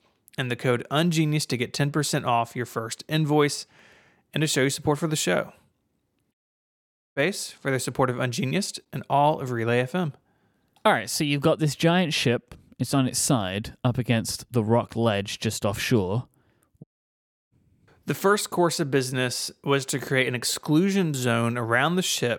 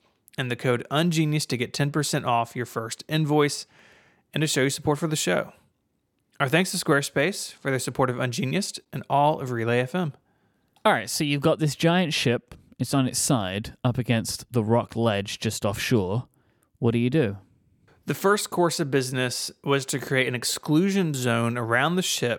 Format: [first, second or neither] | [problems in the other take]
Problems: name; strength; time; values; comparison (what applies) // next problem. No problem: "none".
second | audio cutting out; at 6.5 s for 1 s and at 17 s for 0.5 s